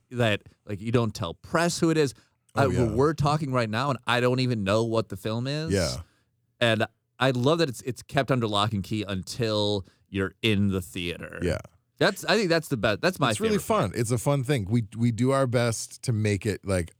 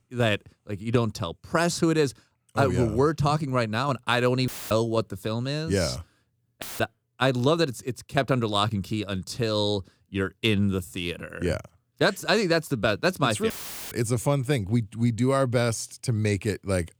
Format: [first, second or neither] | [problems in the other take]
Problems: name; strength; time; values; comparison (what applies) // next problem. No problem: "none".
first | audio cutting out; filled with static; at 4.5 s, at 6.5 s and at 14 s